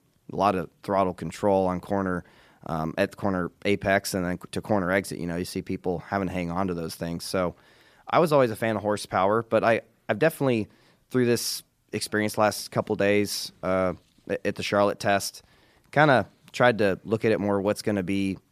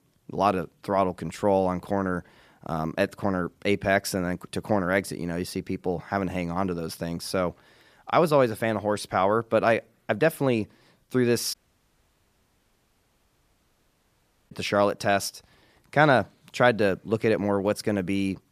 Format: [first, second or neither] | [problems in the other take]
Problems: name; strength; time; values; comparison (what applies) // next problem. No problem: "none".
first | audio cutting out; at 12 s for 3 s